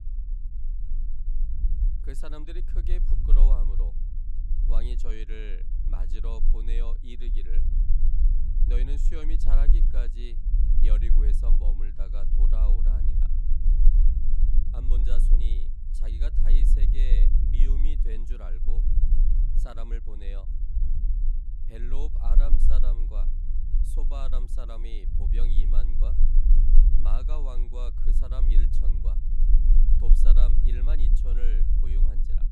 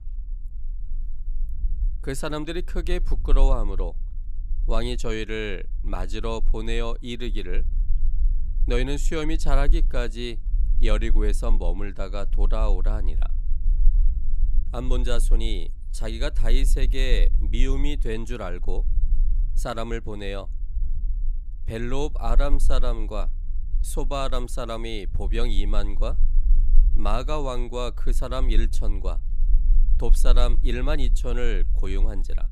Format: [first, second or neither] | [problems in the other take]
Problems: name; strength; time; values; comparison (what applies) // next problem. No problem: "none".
second | low rumble; loud; throughout; 5 dB below the speech; faint in the second